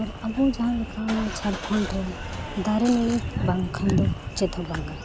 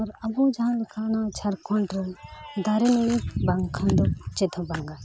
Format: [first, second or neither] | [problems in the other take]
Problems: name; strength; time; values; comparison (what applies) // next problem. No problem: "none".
second | background sound (Engine starting / Car); 9 dB below the speech